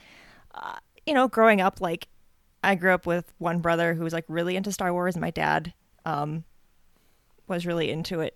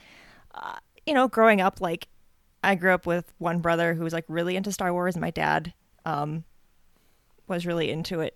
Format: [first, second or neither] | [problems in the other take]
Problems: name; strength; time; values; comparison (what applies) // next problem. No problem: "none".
neither | none